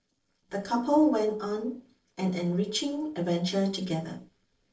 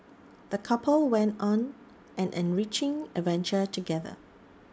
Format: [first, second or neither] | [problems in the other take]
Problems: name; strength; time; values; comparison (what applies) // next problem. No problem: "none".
second | noise reduction (neural separator model SepFormer DNS4)